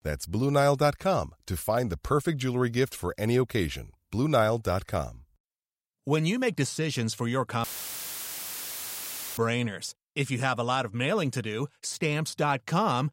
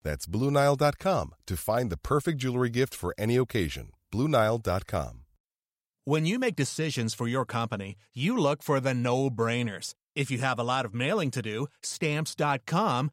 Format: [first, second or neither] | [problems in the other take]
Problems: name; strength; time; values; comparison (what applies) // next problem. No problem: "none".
second | audio cutting out; filled with static; at 7.5 s for 1.5 s